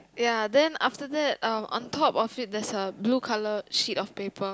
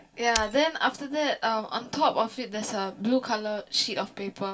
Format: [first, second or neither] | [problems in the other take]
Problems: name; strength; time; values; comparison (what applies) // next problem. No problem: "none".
first | background sound (Shatter); 5 dB below the speech // room echo; dies away in 0.2 s